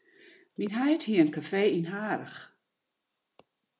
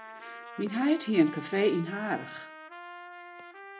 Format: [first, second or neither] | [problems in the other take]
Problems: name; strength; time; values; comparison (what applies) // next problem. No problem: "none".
first | background sound (Trumpet); 14 dB below the speech